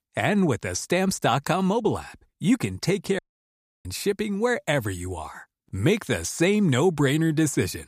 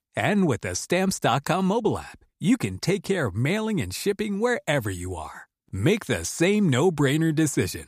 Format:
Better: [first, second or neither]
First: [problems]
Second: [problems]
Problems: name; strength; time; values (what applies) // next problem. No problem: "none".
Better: second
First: audio cutting out; at 3 s for 0.5 s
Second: none